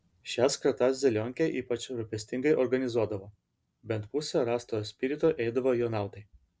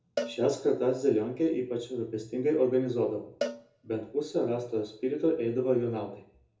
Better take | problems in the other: first | background sound (Cowbell); 13 dB below the speech // room echo; dies away in 0.6 s

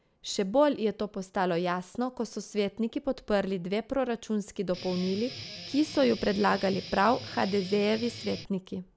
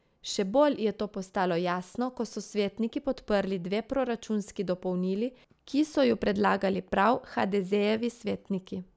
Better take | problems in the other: second | background sound (Guitar); 13 dB below the speech

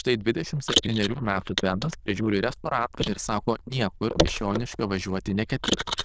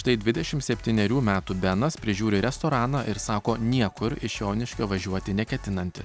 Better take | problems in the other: second | noise reduction (neural diffusion model UNIVERSE++)

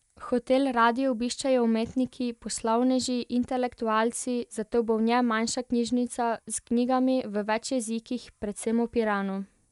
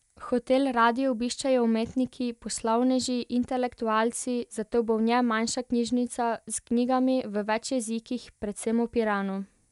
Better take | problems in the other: second | noise reduction (neural mask model Resemble Enhance denoiser)

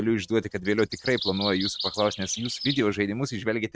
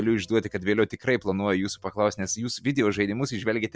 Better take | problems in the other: second | noise reduction (neural mask model RNNoise)

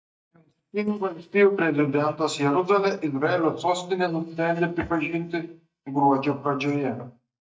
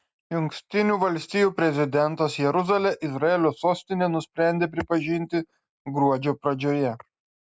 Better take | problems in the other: second | noise reduction (neural mask model DeepFilterNet 3)

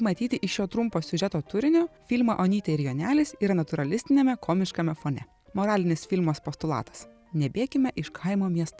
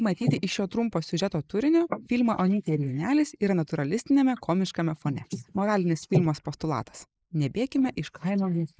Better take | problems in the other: first | noise reduction (neural mask model Resemble Enhance denoiser)

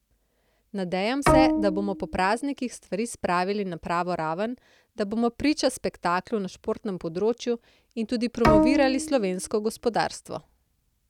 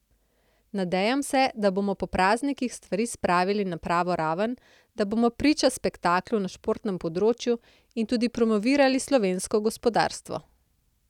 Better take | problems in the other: second | background sound (Bowed string instrument); 2 dB above the speech

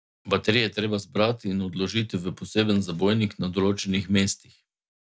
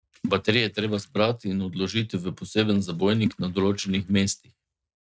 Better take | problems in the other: first | noise reduction (neural mask model RNNoise)

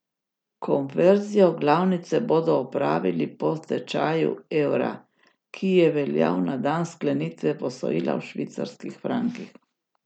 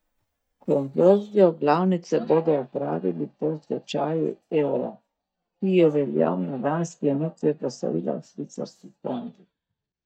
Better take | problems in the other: first | noise reduction (neural mask model DeepFilterNet 3)

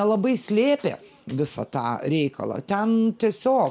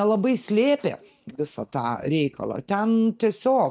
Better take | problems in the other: first | noise reduction (neural mask model DeepFilterNet 3)

